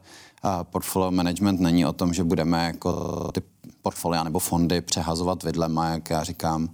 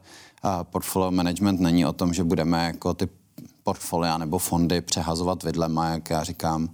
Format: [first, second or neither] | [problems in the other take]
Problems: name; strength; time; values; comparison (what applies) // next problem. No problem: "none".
second | audio freezing; at 3 s